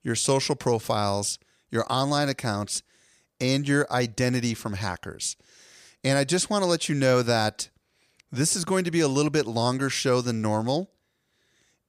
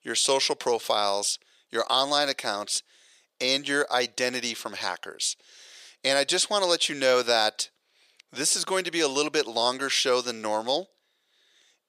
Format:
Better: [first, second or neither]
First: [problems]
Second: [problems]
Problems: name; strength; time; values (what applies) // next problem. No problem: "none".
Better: first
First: none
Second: thin; somewhat; fading below 500 Hz